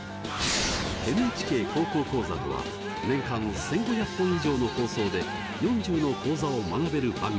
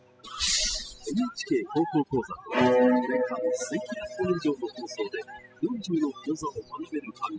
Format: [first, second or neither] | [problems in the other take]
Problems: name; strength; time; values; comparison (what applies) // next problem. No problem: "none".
first | noise reduction (classical method spectral subtraction)